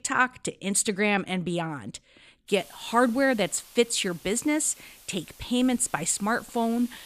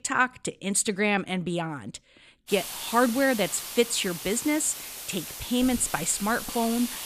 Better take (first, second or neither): first